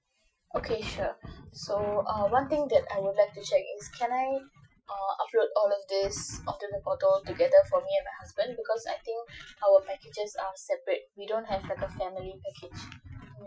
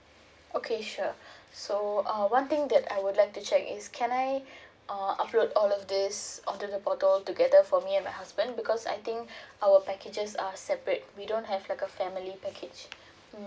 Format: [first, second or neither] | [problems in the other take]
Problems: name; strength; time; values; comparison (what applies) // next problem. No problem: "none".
second | noise reduction (classical method Wiener filter)